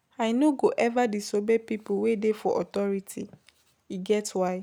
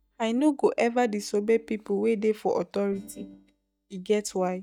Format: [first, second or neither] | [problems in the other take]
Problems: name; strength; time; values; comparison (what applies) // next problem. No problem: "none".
first | noise reduction (neural mask model DeepFilterNet 3)